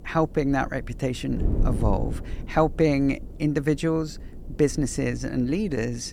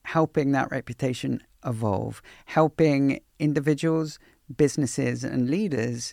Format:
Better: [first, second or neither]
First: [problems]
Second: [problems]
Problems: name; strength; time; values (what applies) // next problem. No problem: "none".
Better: second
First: wind noise on the microphone; occasional gusts; 15 dB below the speech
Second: none